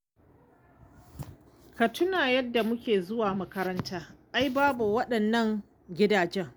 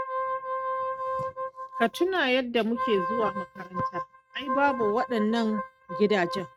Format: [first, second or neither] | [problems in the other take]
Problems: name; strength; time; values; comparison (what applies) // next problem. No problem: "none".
first | noise reduction (neural mask model RNNoise)